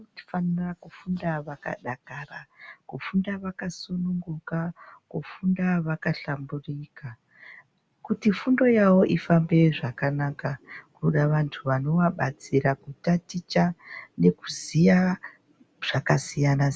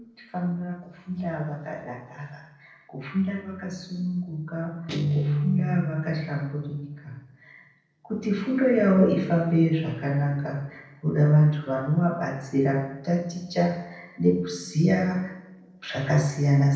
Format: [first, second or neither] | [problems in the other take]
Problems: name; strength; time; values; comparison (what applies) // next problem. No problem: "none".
first | noise reduction (neural separator model SepFormer DNS4)